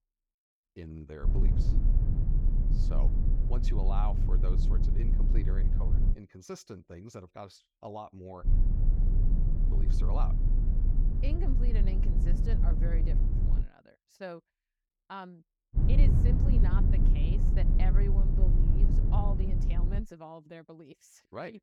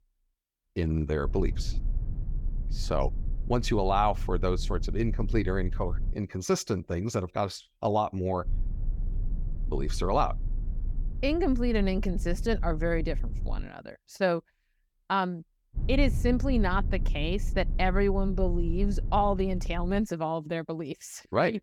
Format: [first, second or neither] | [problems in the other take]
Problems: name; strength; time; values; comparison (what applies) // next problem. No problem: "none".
second | low rumble; loud; from 1 to 6 s, from 8.5 to 14 s and from 16 to 20 s; 1 dB below the speech; faint in the second